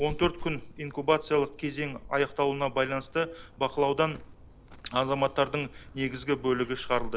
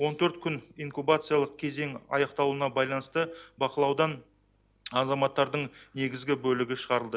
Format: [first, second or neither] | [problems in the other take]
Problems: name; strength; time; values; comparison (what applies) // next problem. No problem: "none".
second | background sound (Dog); 13 dB below the speech